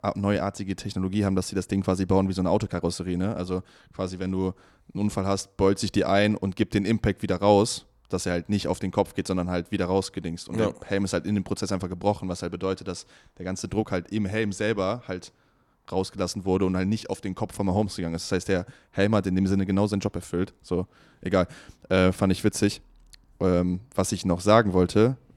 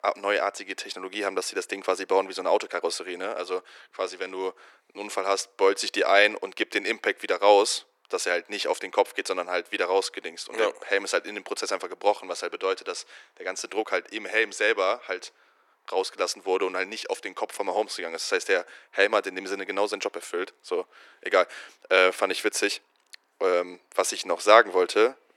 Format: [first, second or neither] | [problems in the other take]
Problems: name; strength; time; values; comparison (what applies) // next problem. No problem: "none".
first | thin; very; fading below 400 Hz